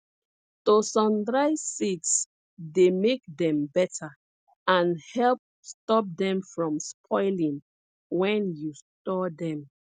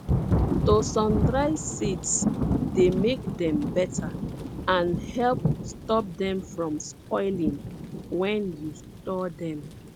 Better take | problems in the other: first | background sound (Thunder / Rain); 2 dB below the speech

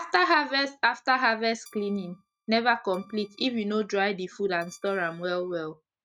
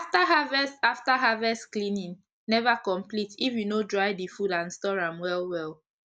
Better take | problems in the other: second | noise reduction (neural mask model RNNoise)

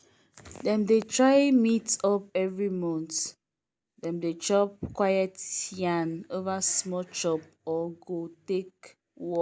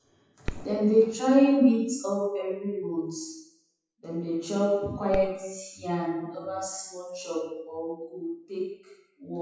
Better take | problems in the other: first | noise reduction (classical method WPE with log-MMSE)

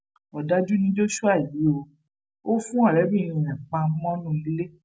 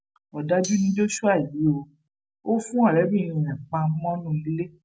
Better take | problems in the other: first | background sound (Tambourine); 14 dB below the speech

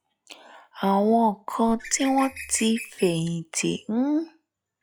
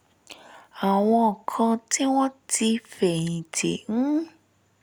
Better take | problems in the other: second | noise reduction (classical method log-MMSE)

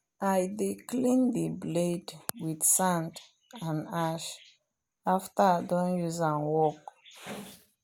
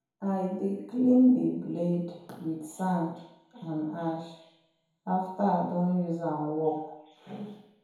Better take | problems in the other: first | room echo; dies away in 2 s

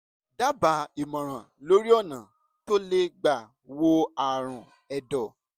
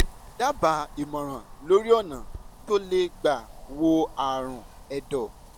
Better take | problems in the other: first | background sound (Wind); 10 dB below the speech

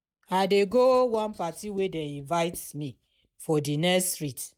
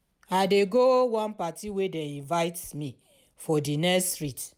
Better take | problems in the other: second | noise reduction (neural mask model DeepFilterNet 3)

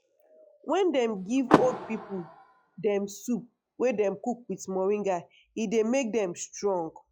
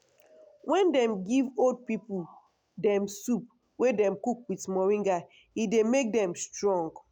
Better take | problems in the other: second | noise reduction (classical method log-MMSE)

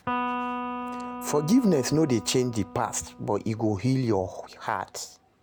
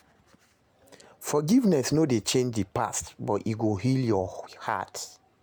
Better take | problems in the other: second | background sound (Electric guitar); 9 dB below the speech

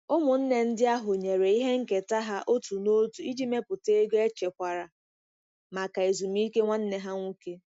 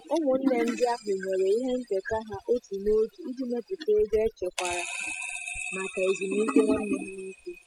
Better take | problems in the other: first | noise reduction (classical method spectral subtraction)

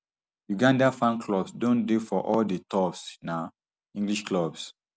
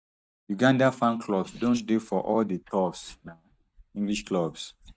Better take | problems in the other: first | noise reduction (neural mask model DeepFilterNet 3)

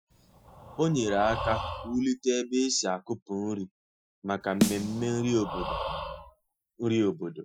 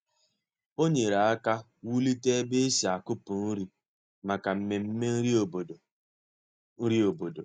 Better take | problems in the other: second | noise reduction (classical method Wiener filter)

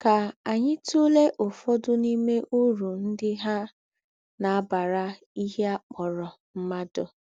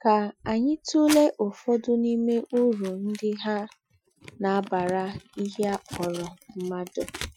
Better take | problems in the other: first | noise reduction (classical method Wiener filter)

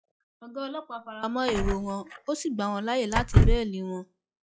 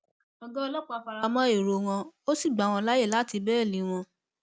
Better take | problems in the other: second | noise reduction (classical method log-MMSE)

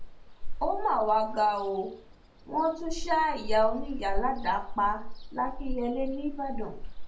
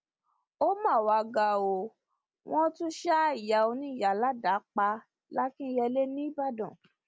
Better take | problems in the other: second | background sound (Ocean); 3 dB below the speech // room echo; dies away in 0.3 s

